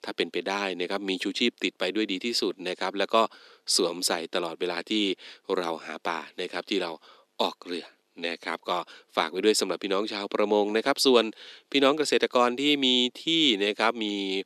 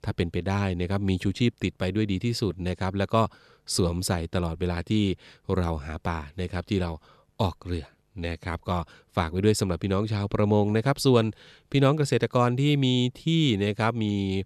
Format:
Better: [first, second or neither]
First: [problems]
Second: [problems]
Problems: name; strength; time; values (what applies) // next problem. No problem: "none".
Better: second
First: thin; somewhat; fading below 250 Hz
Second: none